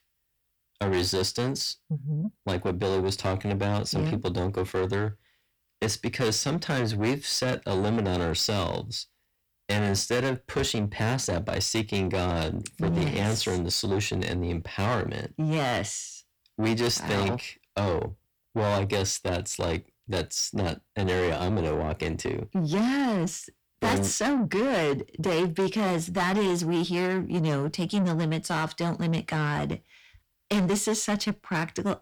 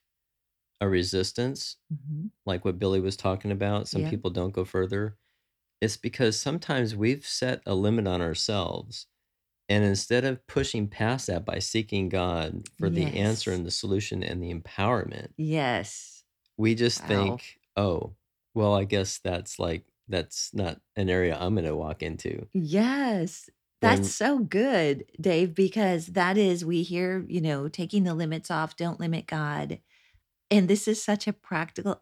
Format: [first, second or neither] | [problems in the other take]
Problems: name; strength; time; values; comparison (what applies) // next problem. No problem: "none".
second | distortion; heavy; 7 dB below the speech